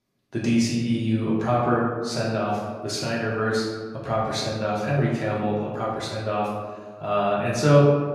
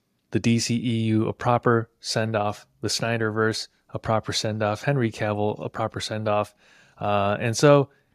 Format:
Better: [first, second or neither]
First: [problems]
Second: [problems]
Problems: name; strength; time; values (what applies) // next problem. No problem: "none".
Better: second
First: room echo; noticeable; dies away in 1.3 s // off-mic speech; far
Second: none